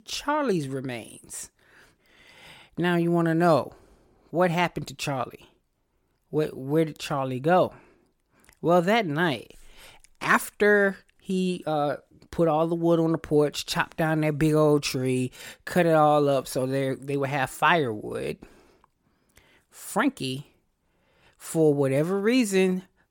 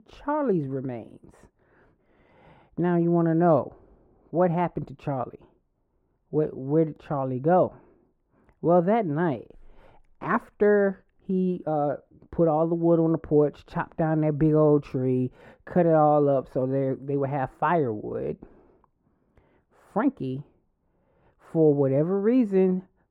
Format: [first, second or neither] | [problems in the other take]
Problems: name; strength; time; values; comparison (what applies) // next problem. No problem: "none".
first | muffled; very; fading above 2.5 kHz